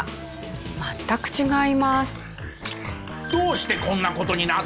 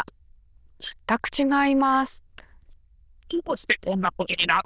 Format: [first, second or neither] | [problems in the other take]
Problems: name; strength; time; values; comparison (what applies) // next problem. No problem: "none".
first | noise reduction (neural diffusion model UNIVERSE++)